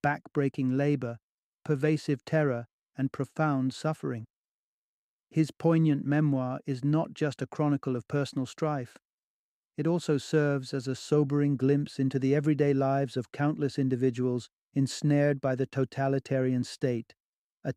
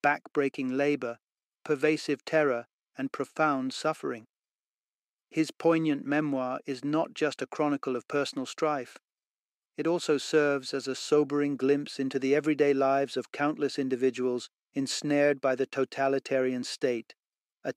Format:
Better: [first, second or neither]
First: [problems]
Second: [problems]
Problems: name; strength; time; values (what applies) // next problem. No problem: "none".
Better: first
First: none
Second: thin; somewhat; fading below 400 Hz